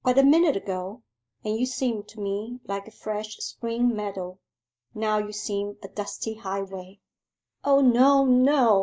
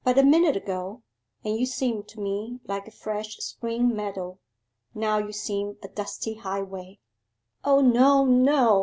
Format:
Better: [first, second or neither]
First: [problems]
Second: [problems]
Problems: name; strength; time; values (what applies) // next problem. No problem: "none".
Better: second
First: noise reduction (neural mask model Resemble Enhance denoiser)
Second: none